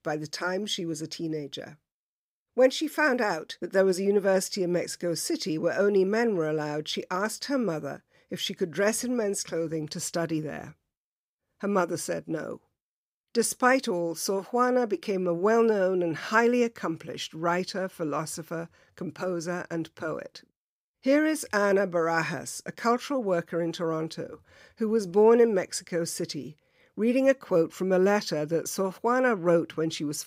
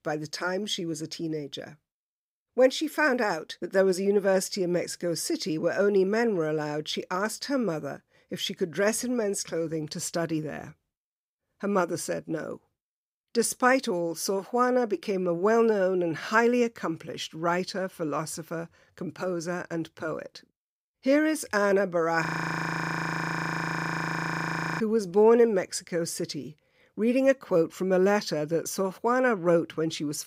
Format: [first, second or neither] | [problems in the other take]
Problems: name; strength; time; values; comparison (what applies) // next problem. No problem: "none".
first | audio freezing; at 22 s for 2.5 s